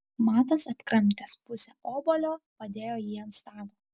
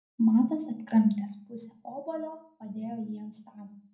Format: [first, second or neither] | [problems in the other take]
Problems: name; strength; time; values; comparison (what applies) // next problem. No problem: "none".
first | room echo; dies away in 0.6 s